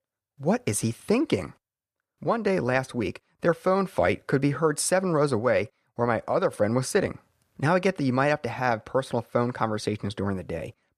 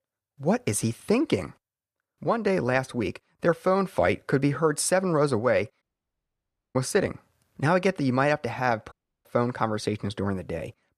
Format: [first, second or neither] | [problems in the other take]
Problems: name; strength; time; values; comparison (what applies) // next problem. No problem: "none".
first | audio cutting out; at 6 s for 1 s and at 9 s